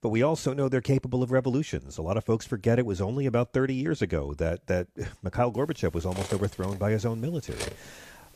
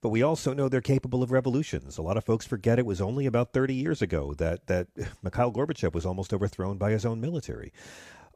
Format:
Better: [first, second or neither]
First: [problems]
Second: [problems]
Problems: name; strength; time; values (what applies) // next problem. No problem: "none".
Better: second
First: clattering dishes; noticeable; from 6 to 8 s; peak 9 dB below the speech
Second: none